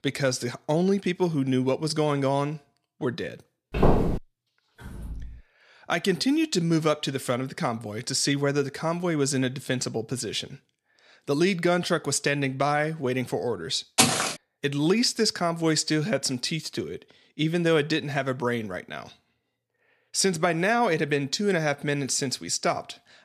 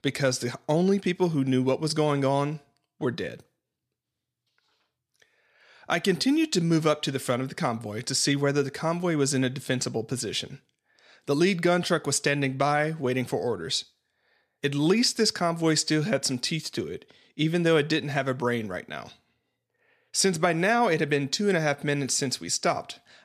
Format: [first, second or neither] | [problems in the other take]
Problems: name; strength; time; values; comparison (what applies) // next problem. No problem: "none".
second | footsteps; loud; at 3.5 s and at 14 s; peak 6 dB above the speech // door banging; faint; at 5 s; peak 15 dB below the speech